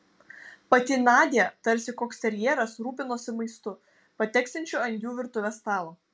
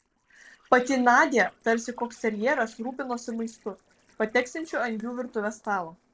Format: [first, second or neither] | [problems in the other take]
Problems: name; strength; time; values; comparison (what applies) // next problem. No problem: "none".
first | noise reduction (neural separator model SepFormer DNS4)